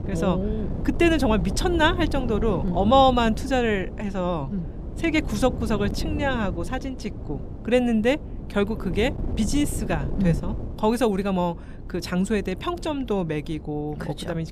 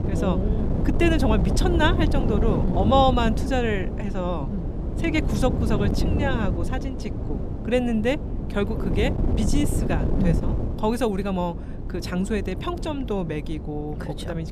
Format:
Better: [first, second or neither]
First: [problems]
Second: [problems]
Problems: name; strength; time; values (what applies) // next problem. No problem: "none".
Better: first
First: wind noise on the microphone; occasional gusts; 15 dB below the speech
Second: wind noise on the microphone; heavy; 8 dB below the speech